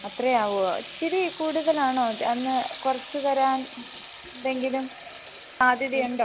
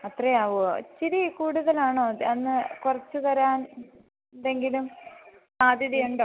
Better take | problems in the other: second | background sound (Sink (filling or washing) / Water tap, faucet); 16 dB below the speech

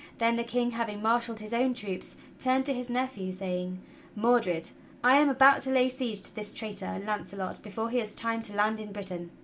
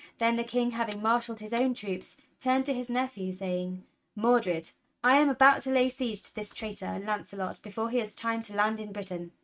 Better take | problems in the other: first | noise reduction (neural mask model RNNoise)

